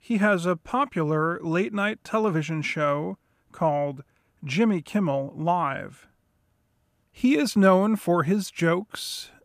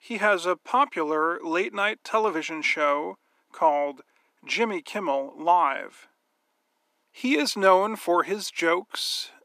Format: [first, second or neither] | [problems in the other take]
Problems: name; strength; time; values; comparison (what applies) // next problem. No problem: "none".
first | thin; somewhat; fading below 300 Hz